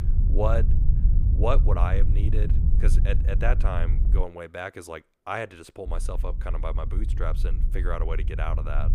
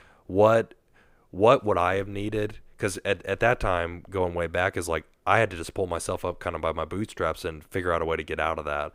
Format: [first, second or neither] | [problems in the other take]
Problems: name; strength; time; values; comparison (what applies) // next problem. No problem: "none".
second | low rumble; noticeable; until 4 s and from 6 s on; 10 dB below the speech